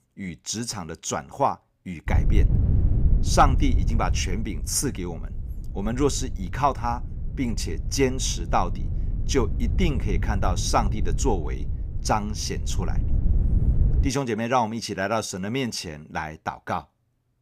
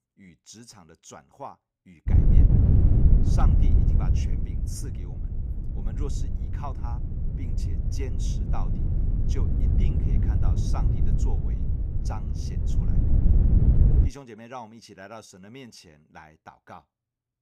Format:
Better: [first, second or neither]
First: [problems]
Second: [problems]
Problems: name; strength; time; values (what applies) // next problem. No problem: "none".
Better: first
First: wind noise on the microphone; occasional gusts; from 2 to 14 s; 15 dB below the speech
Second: wind noise on the microphone; heavy; from 2 to 14 s; 3 dB above the speech